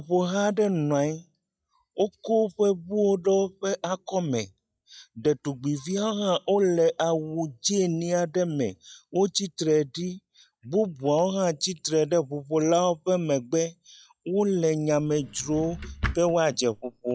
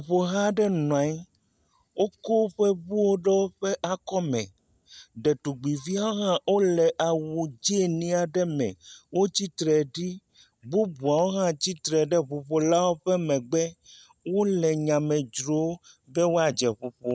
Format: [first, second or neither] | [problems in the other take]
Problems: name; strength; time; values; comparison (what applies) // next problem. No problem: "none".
second | noise reduction (classical method log-MMSE)